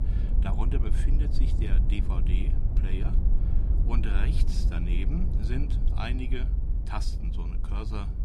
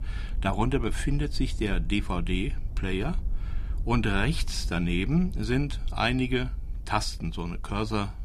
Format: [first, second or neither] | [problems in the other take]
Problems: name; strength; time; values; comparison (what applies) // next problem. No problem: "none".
second | low rumble; loud; throughout; 5 dB below the speech; faint in the second